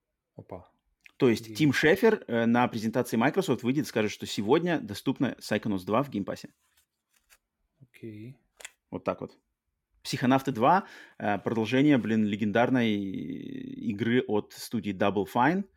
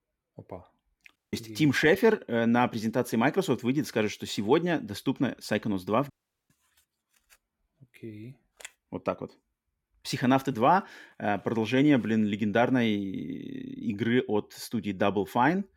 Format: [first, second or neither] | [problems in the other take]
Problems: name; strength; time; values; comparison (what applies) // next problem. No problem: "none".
first | audio cutting out; at 1 s and at 6 s